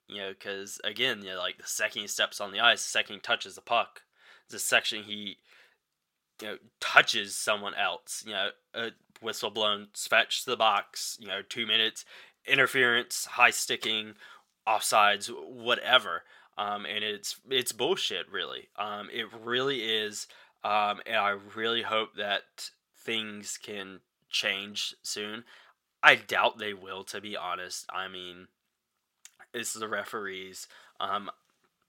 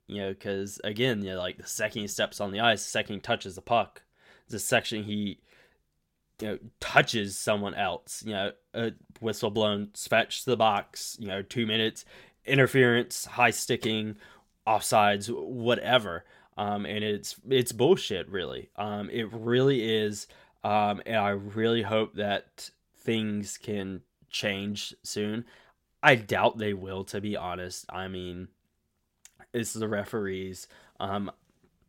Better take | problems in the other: second | thin; somewhat; fading below 900 Hz

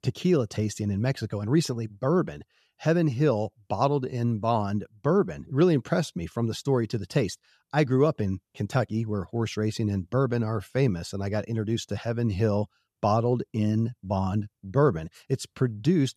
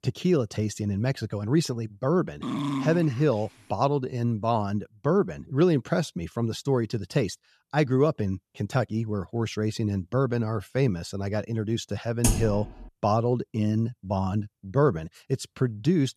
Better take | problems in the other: first | dog barking; noticeable; at 2.5 s; peak 2 dB below the speech // keyboard typing; noticeable; at 12 s; peak level with the speech

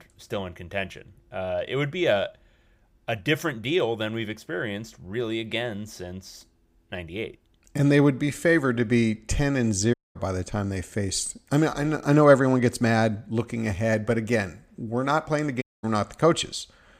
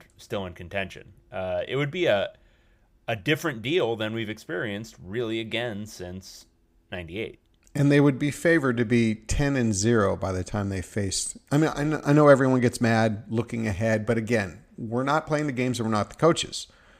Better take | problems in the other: second | audio cutting out; at 10 s and at 16 s

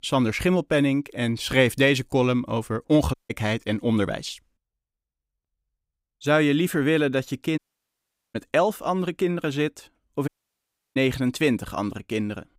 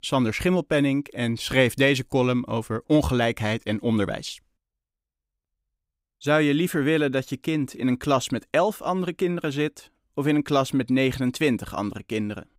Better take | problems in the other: second | audio cutting out; at 3 s, at 7.5 s for 1 s and at 10 s for 0.5 s

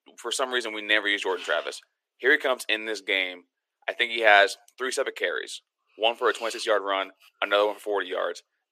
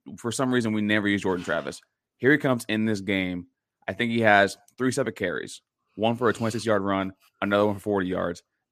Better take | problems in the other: second | thin; very; fading below 400 Hz

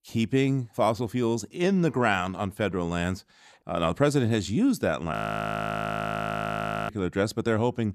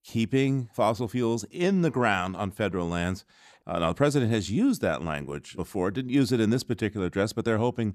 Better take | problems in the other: second | audio freezing; at 5 s for 2 s

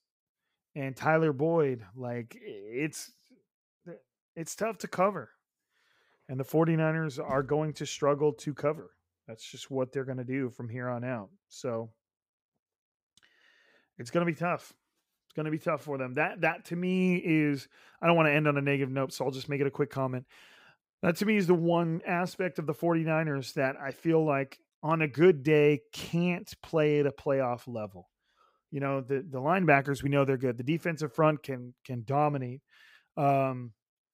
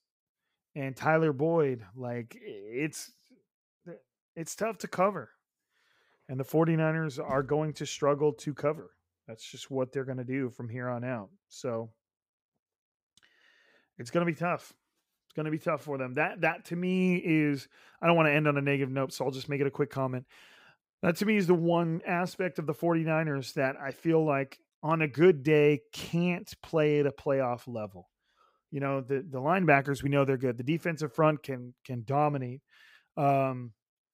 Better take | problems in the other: neither | none

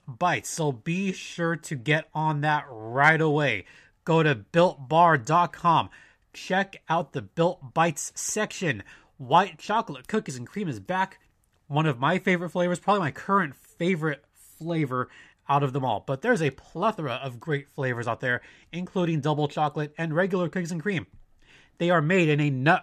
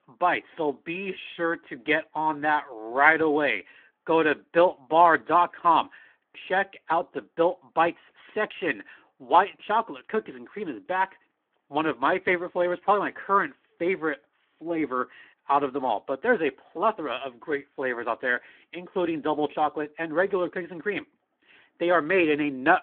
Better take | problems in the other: first | phone-call audio

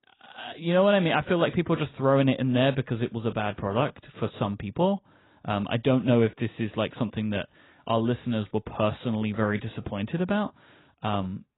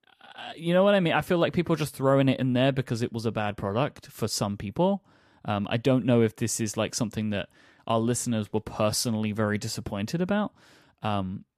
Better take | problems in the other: second | garbled, watery; badly; nothing above 4 kHz

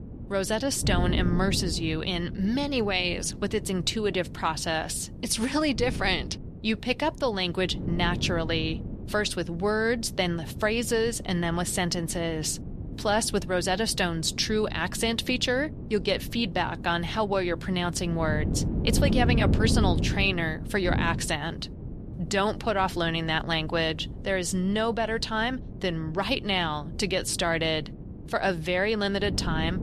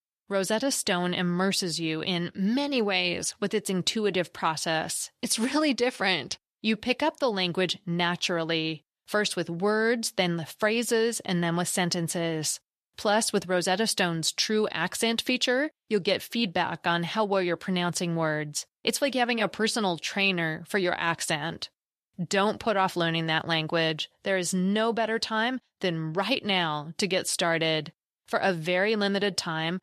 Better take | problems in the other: second | wind noise on the microphone; occasional gusts; 15 dB below the speech

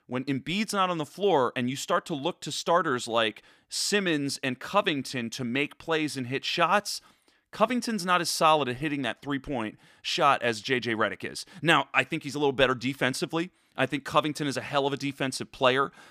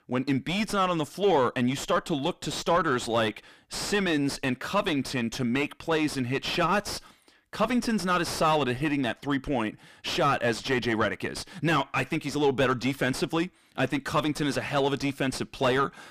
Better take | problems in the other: first | distortion; heavy; 6 dB below the speech

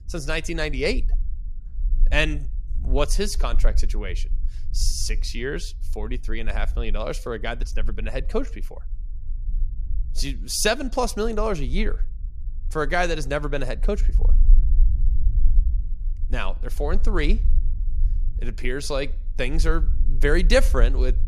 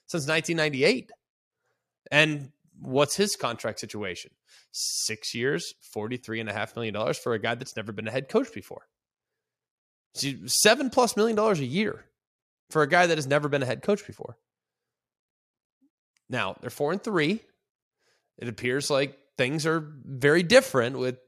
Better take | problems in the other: second | low rumble; faint; throughout; 25 dB below the speech

